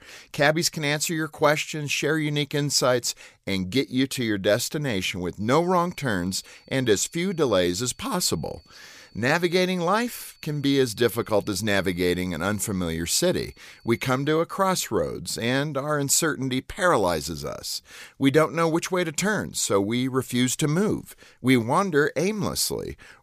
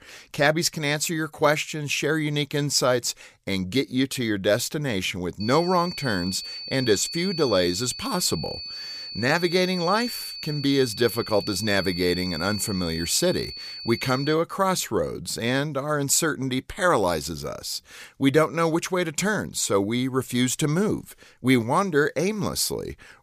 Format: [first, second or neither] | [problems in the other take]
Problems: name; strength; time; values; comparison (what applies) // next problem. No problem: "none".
first | high-pitched whine; loud; from 5.5 to 14 s; 4.5 kHz, 9 dB below the speech; faint in the first